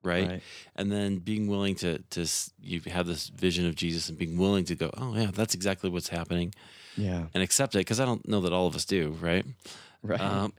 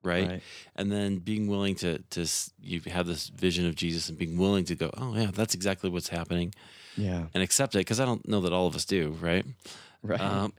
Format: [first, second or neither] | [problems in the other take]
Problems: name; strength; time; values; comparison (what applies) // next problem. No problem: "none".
neither | none